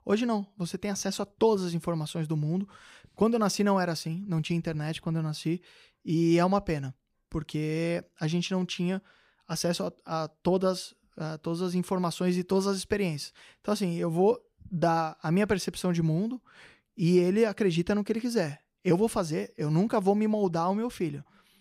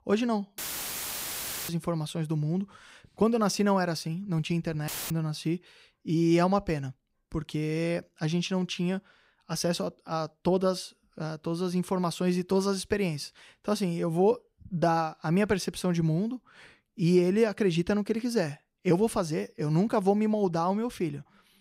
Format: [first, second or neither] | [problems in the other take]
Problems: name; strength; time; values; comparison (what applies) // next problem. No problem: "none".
first | audio cutting out; filled with static; at 0.5 s for 1 s and at 5 s